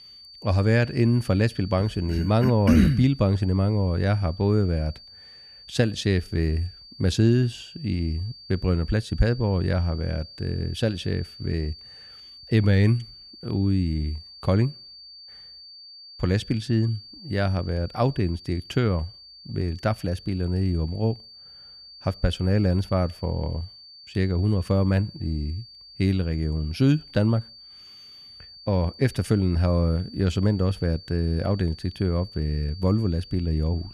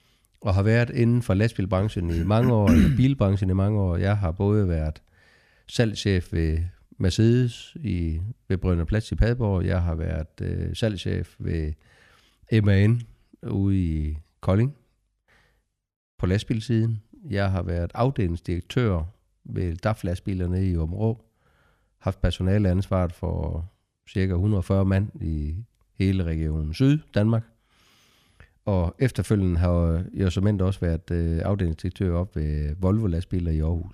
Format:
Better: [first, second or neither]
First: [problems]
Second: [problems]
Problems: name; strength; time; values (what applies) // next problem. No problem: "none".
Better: second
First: high-pitched whine; noticeable; throughout; 4.5 kHz, 20 dB below the speech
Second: none